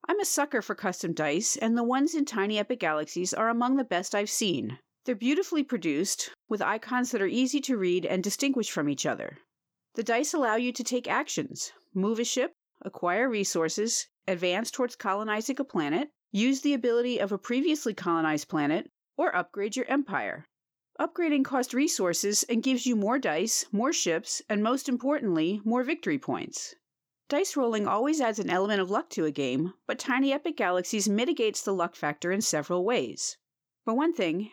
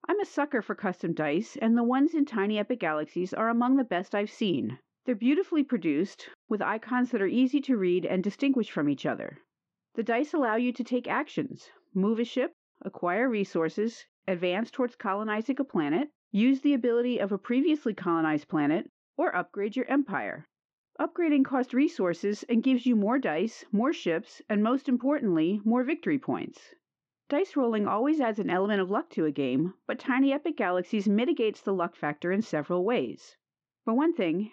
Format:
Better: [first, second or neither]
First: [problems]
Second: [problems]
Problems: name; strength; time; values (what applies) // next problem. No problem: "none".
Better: first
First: none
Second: muffled; very; fading above 3 kHz